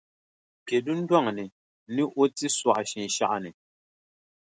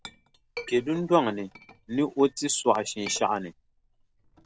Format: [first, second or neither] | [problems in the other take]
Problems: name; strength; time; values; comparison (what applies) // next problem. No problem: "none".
first | background sound (Chink, clink); 19 dB below the speech